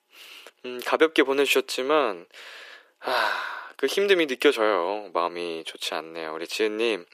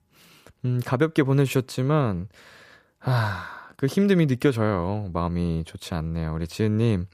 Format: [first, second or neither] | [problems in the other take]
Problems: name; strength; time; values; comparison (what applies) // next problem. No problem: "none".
second | thin; very; fading below 350 Hz